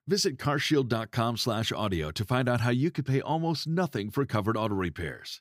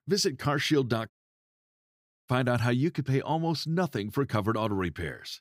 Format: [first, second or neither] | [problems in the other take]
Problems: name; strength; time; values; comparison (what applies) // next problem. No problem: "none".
first | audio cutting out; at 1 s for 1 s